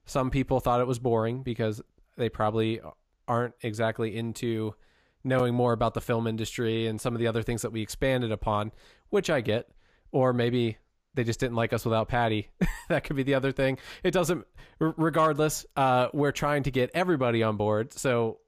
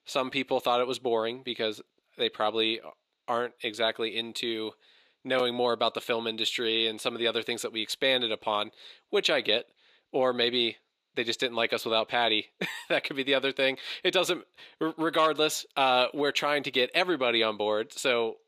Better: first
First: none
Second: thin; somewhat; fading below 350 Hz

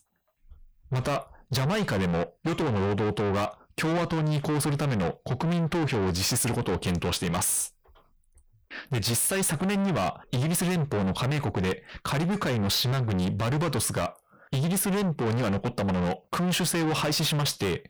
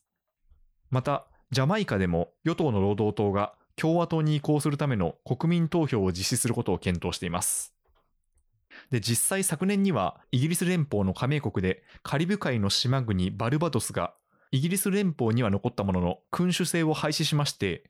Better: second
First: distortion; heavy; 6 dB below the speech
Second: none

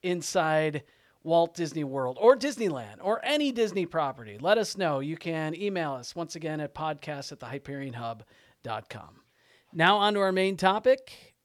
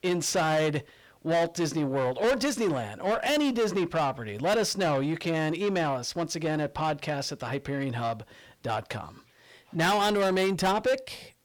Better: first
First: none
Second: distortion; heavy; 6 dB below the speech

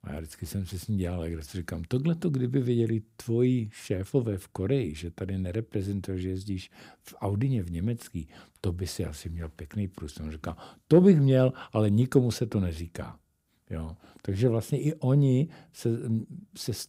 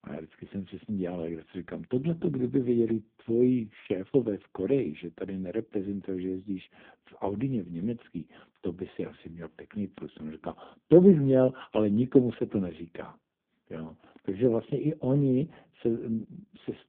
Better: first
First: none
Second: phone-call audio; poor line

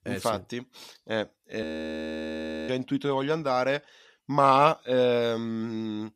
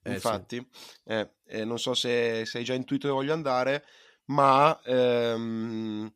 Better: second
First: audio freezing; at 1.5 s for 1 s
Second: none

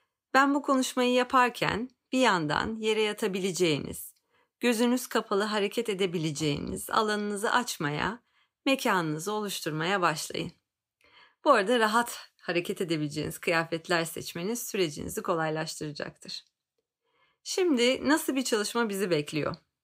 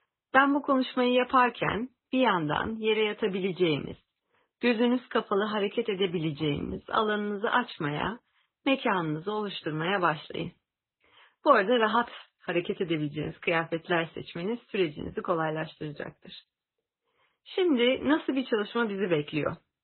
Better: first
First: none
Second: garbled, watery; badly; nothing above 4 kHz

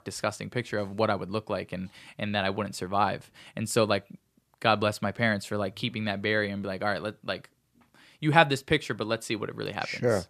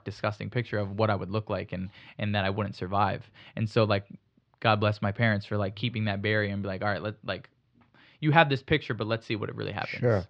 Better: first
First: none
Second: muffled; very slightly; fading above 4 kHz

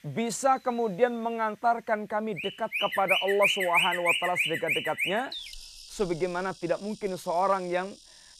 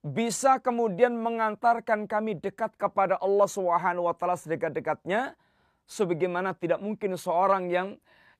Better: second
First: animal sounds; very loud; throughout; 1 dB above the speech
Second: none

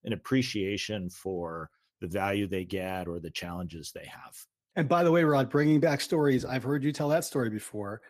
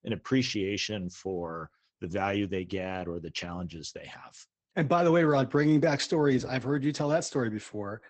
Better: first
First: garbled, watery; slightly; nothing above 14.5 kHz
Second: garbled, watery; badly; nothing above 8 kHz

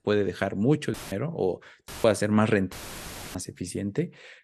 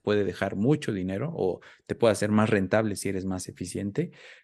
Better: second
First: audio cutting out; filled with static; at 1 s, at 2 s and at 2.5 s for 0.5 s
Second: none

